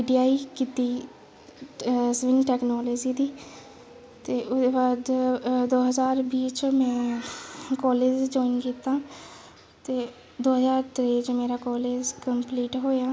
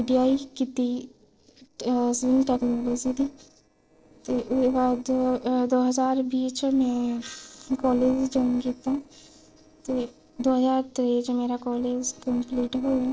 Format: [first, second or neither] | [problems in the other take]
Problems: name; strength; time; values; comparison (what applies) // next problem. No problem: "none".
first | noise reduction (neural separator model SepFormer DNS4)